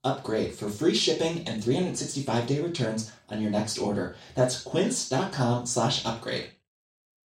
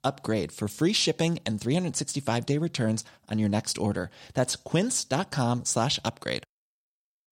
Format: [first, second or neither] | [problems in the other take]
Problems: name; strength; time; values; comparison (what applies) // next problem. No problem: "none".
second | room echo; slight; dies away in 0.3 s // off-mic speech; far